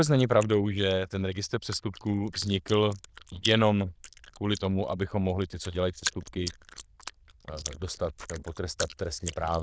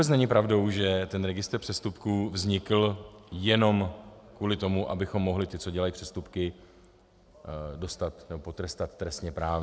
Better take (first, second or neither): second